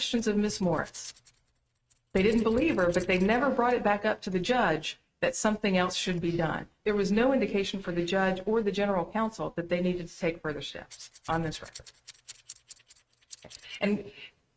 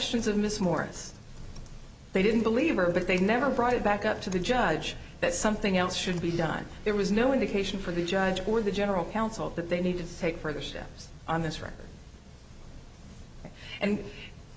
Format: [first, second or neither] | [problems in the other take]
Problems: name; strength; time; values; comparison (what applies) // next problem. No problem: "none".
second | noise reduction (neural mask model RNNoise)